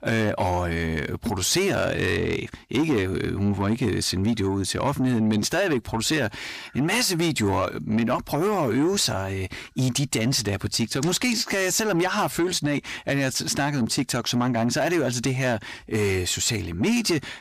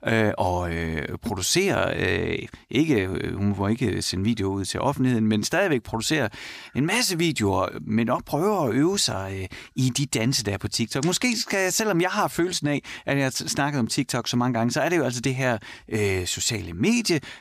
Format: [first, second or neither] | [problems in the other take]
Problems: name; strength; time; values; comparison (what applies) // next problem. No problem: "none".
second | distortion; slight; 10 dB below the speech